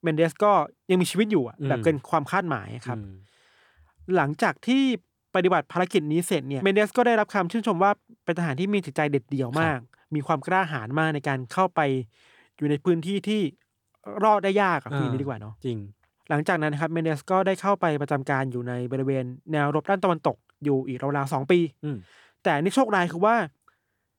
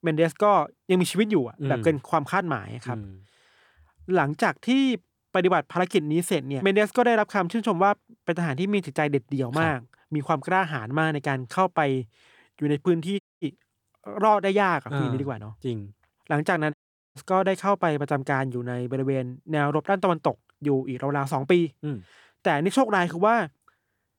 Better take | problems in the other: first | audio cutting out; at 13 s and at 17 s

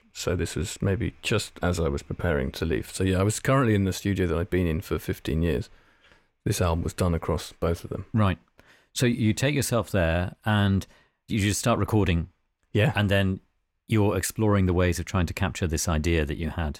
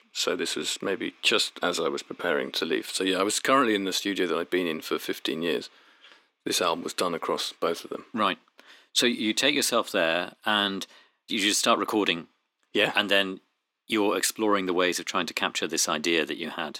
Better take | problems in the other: first | thin; somewhat; fading below 250 Hz

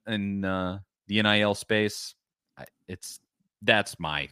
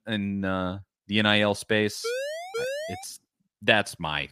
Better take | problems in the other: first | siren; noticeable; at 2 s; peak 6 dB below the speech

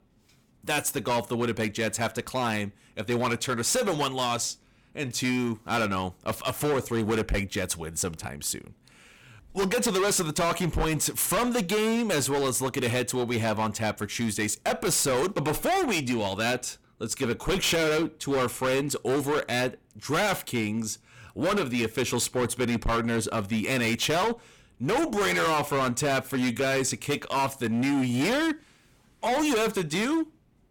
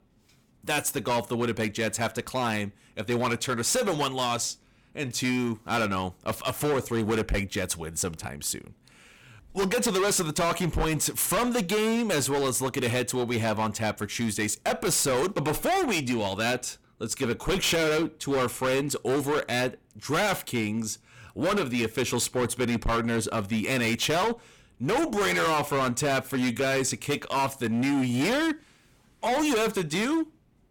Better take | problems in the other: neither | distortion; heavy; 18% of the sound clipped; the same in both

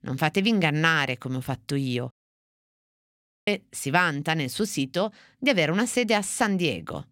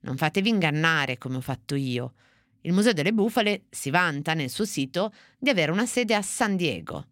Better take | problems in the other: second | audio cutting out; at 2 s for 1.5 s

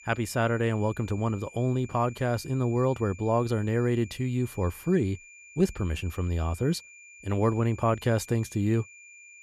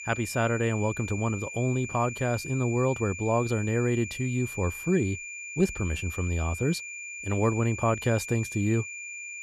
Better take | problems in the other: first | high-pitched whine; loud; throughout; 2.5 kHz, 9 dB below the speech; faint in the first

